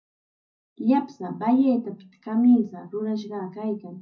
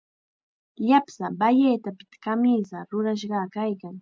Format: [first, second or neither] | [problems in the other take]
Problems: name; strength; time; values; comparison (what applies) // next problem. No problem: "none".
second | room echo; dies away in 0.4 s